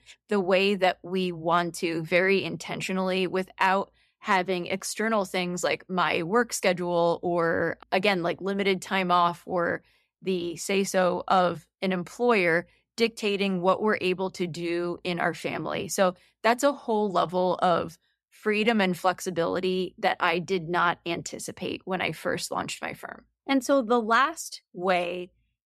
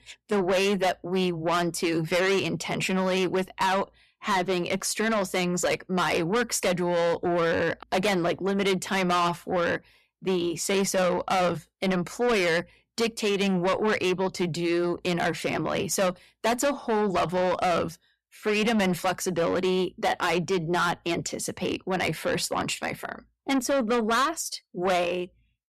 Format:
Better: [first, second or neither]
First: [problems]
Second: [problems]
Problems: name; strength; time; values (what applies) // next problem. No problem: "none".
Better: first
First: none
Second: distortion; heavy; 7 dB below the speech